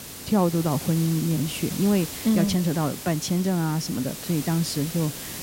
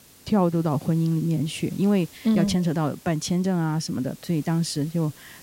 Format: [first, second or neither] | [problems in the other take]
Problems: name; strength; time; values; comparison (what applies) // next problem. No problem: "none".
second | hiss; loud; throughout; 9 dB below the speech; faint in the second